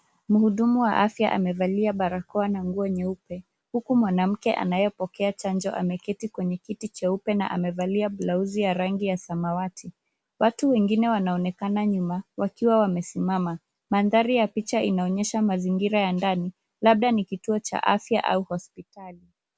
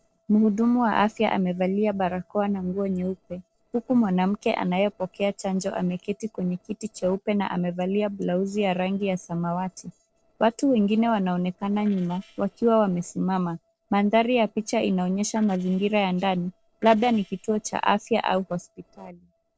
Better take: first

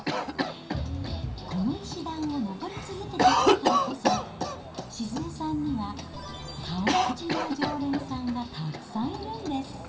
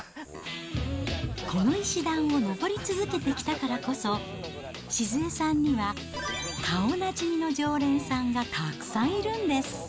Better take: second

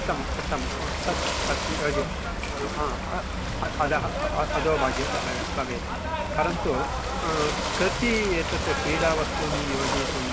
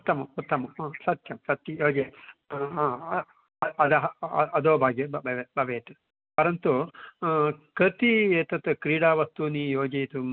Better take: second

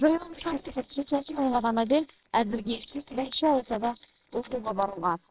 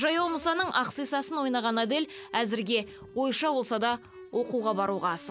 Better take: second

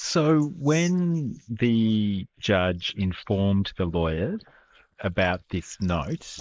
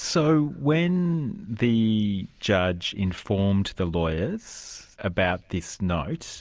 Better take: second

